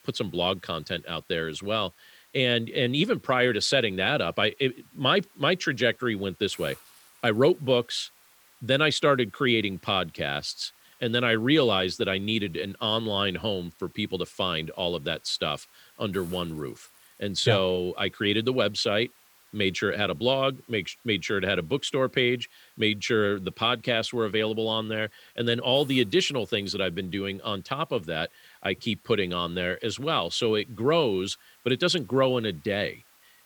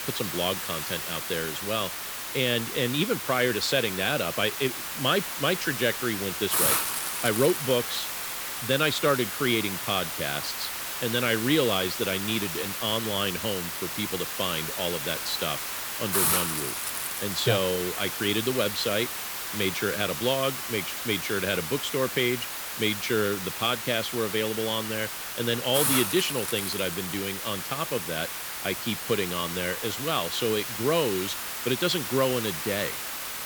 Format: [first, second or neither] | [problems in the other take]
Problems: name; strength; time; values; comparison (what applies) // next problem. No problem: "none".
first | hiss; loud; throughout; 2 dB below the speech; faint in the first